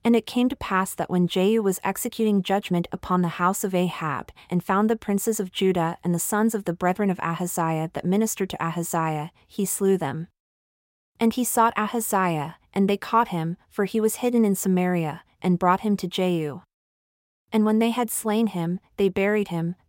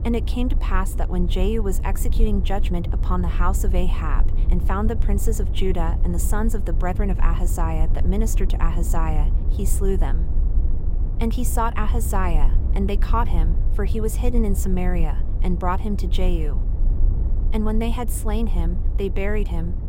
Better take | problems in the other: first | low rumble; noticeable; throughout; 15 dB below the speech

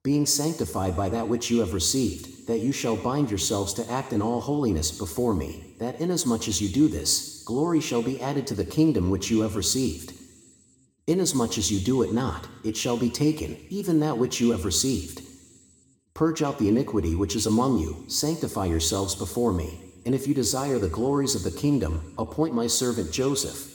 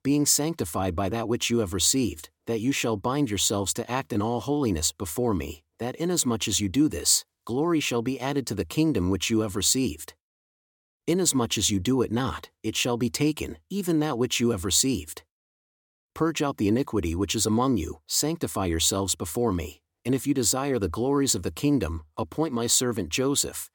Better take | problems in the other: second | room echo; slight; dies away in 1.2 s

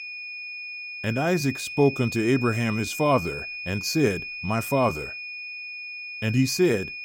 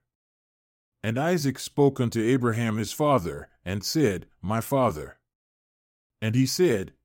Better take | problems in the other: second | high-pitched whine; loud; throughout; 2.5 kHz, 8 dB below the speech

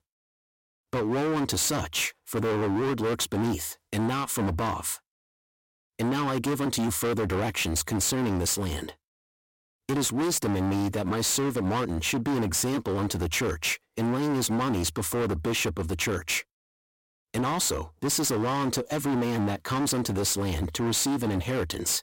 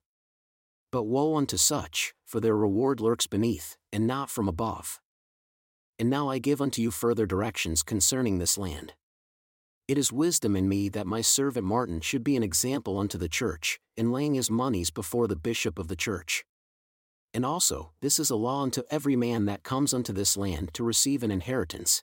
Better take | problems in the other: second | distortion; heavy; 29% of the sound clipped

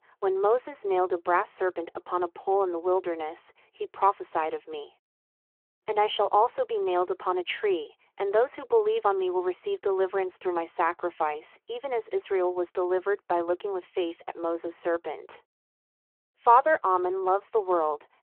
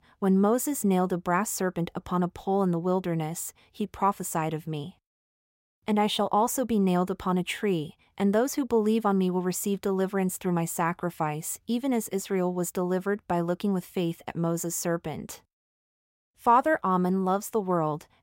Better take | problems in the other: second | phone-call audio

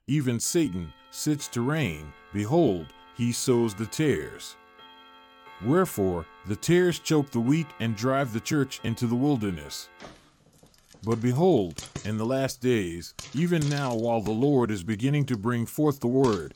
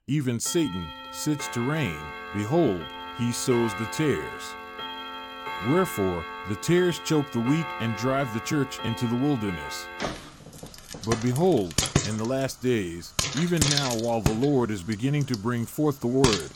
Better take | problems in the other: first | household noises; loud; throughout; 6 dB below the speech; faint in the first

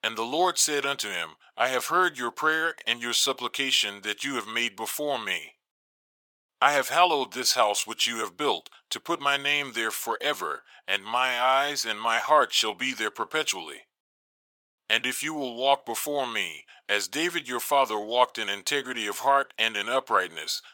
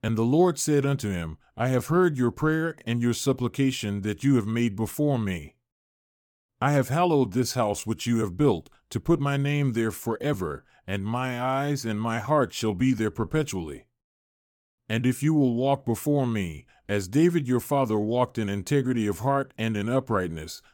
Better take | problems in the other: second | thin; very; fading below 850 Hz

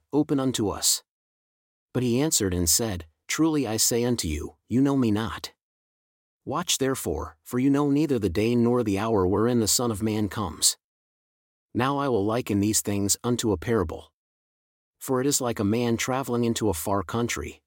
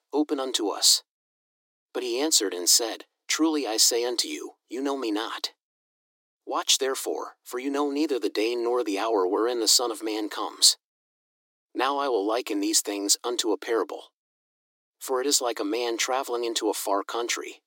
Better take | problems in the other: first | thin; somewhat; fading below 300 Hz

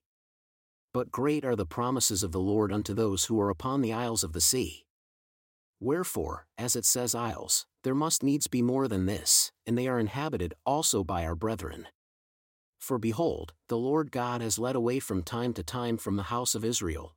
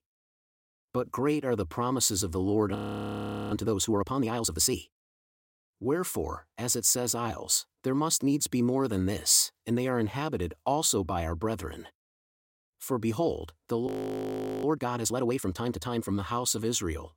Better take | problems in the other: first | audio freezing; at 3 s for 1 s and at 14 s for 1 s

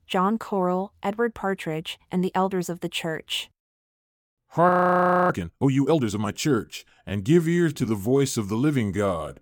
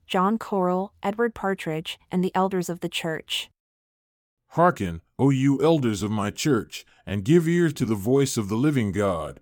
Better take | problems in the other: second | audio freezing; at 4.5 s for 0.5 s

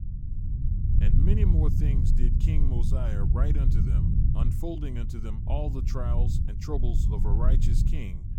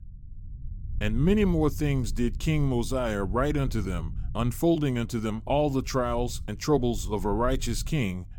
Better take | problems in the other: second | low rumble; loud; throughout; 1 dB below the speech; faint in the second

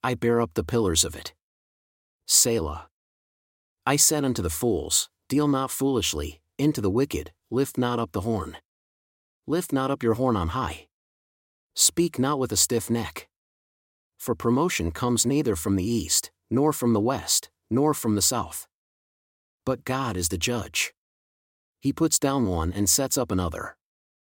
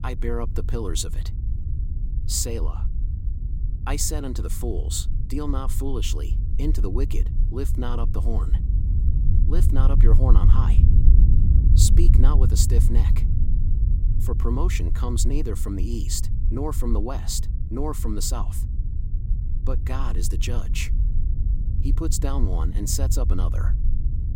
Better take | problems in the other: first | low rumble; loud; throughout; 9 dB below the speech

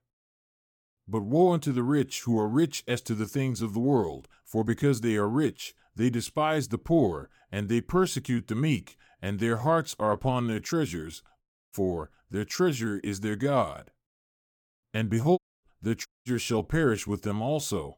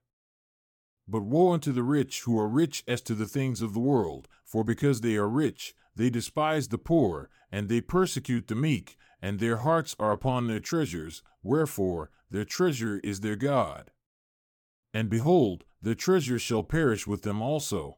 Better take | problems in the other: second | audio cutting out; at 11 s, at 15 s and at 16 s

